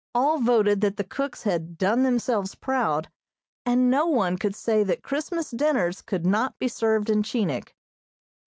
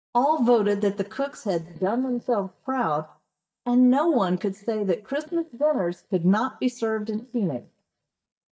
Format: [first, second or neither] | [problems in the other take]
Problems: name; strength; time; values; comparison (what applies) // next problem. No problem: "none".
first | noise reduction (neural mask model DeepFilterNet 3)